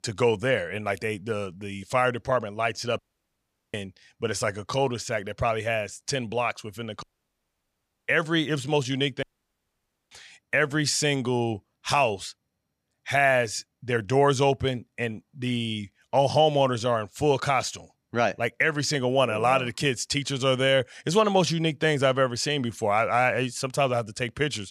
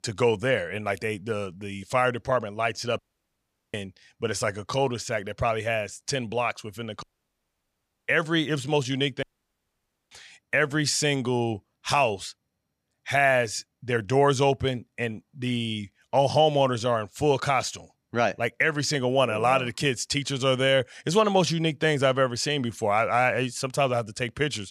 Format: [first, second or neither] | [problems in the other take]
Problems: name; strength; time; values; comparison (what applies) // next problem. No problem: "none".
neither | audio cutting out; at 3 s for 1 s, at 7 s for 1 s and at 9 s for 1 s; the same in both